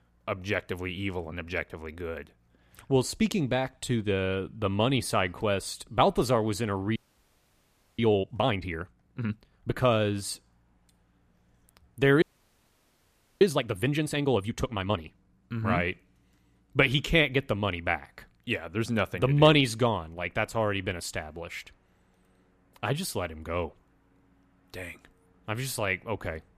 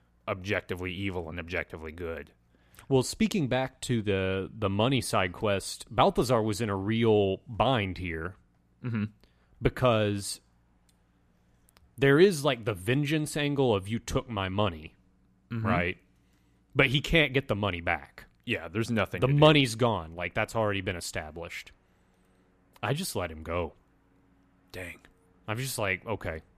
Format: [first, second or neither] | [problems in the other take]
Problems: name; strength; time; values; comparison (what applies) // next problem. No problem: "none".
second | audio freezing; at 7 s for 1 s and at 12 s for 1 s